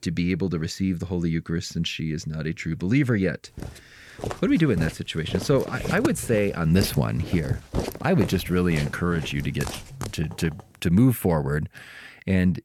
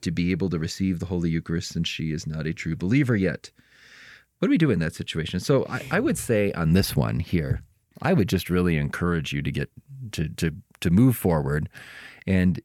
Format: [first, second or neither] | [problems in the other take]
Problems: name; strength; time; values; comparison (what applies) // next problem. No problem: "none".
second | footsteps; noticeable; from 3.5 to 10 s; peak 6 dB below the speech